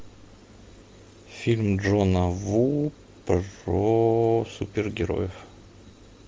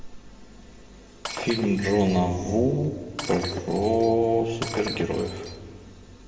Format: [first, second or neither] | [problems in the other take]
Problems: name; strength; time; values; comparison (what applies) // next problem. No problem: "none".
first | background sound (Shatter); 12 dB below the speech // room echo; dies away in 1.5 s